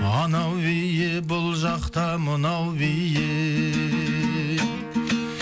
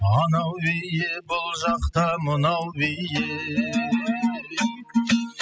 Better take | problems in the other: first | noise reduction (classical method spectral subtraction)

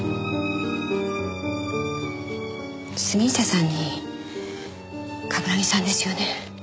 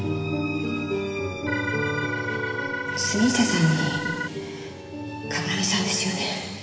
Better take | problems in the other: first | background sound (Organ); 4 dB below the speech // room echo; dies away in 2.5 s

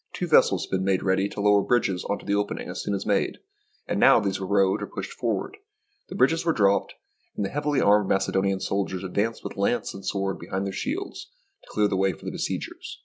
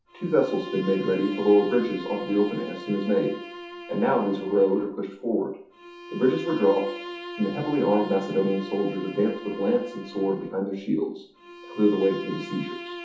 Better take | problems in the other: first | background sound (Bowed string instrument); 13 dB below the speech // room echo; dies away in 0.5 s

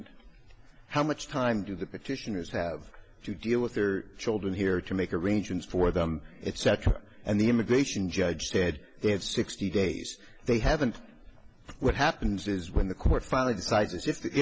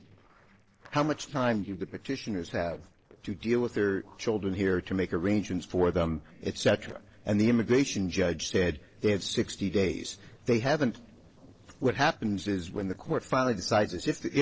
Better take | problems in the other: first | noise reduction (neural separator model SepFormer DNS4)

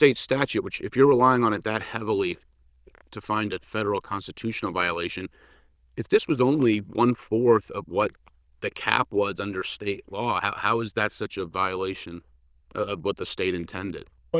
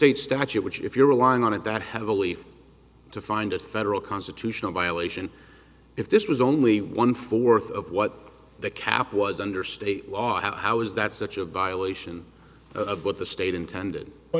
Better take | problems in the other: second | noise reduction (neural diffusion model UNIVERSE++)

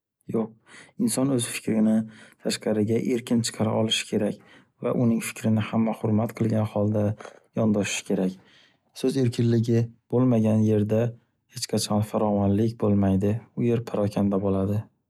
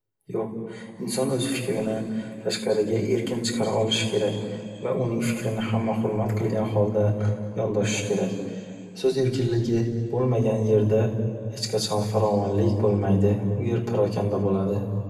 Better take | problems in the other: first | room echo; dies away in 2.1 s

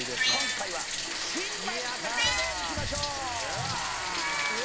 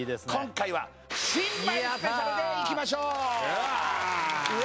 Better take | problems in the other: second | background sound (Bathtub (filling or washing) + Meow); 4 dB above the speech

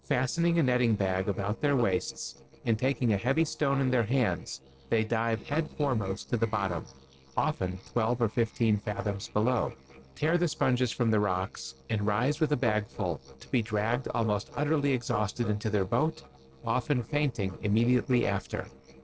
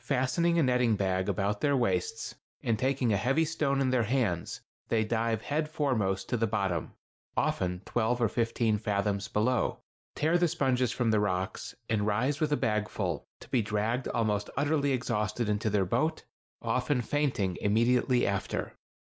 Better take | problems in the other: second | noise reduction (neural separator model SepFormer DNS4)

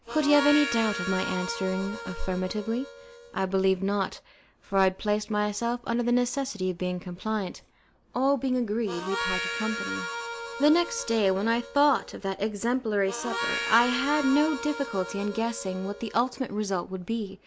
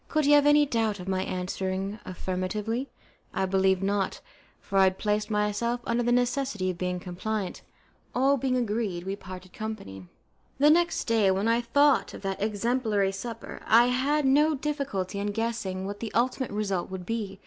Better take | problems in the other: second | background sound (Harmonica); 7 dB below the speech

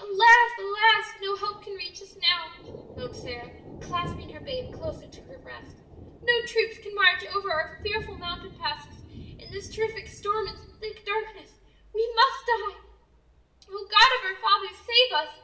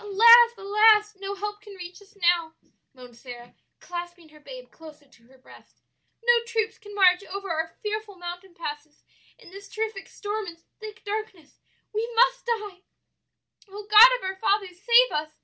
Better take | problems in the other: second | background sound (Thunder); 18 dB below the speech // room echo; dies away in 0.7 s

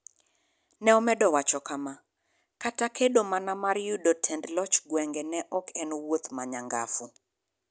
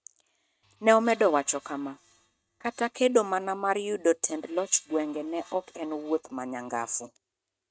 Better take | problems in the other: first | noise reduction (neural mask model RNNoise)

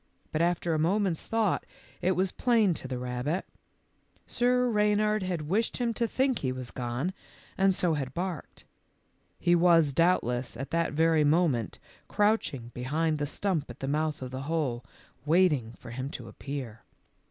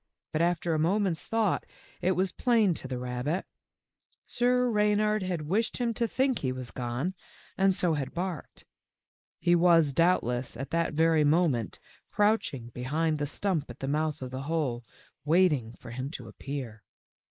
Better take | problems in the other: first | noise reduction (neural mask model Resemble Enhance denoiser)

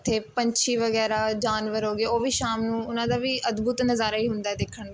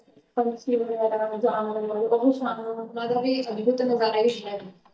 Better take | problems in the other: first | noise reduction (neural mask model DeepFilterNet 3)

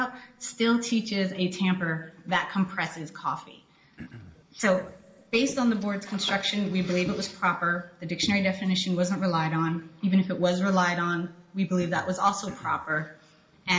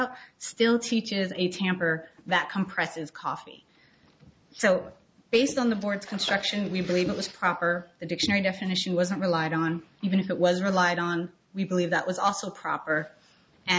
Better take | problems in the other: second | background sound (Cough); 17 dB below the speech // room echo; dies away in 0.8 s

